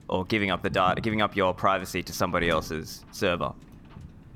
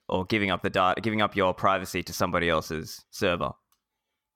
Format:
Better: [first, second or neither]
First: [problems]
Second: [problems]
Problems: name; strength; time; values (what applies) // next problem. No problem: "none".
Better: second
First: wind noise on the microphone; occasional gusts; 25 dB below the speech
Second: none